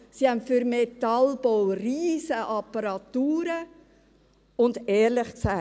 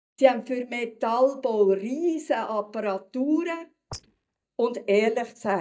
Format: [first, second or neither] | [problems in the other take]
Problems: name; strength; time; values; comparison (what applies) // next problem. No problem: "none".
first | noise reduction (neural mask model DeepFilterNet 3)